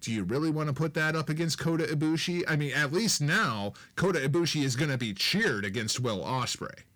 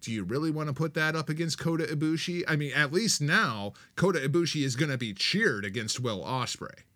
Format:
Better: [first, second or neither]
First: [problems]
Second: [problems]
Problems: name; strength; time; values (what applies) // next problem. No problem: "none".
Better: second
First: distortion; slight; 10 dB below the speech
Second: none